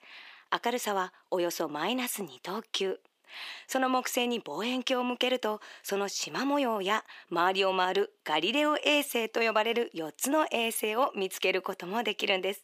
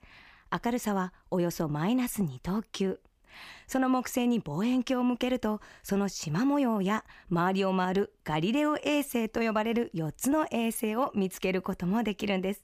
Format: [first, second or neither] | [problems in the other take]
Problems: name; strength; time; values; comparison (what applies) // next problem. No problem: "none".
second | thin; somewhat; fading below 350 Hz